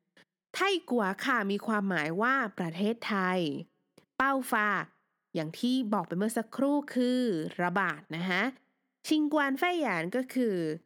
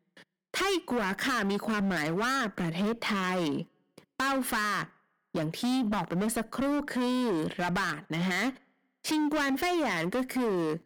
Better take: first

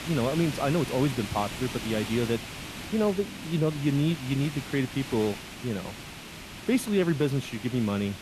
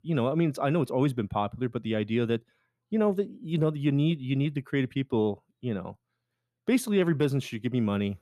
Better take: second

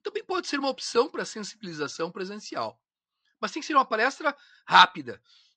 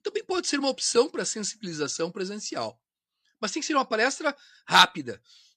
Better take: second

